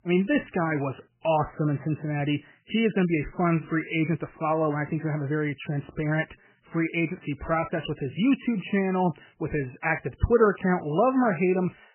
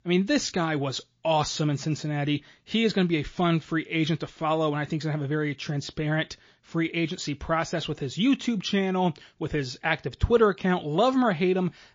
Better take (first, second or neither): second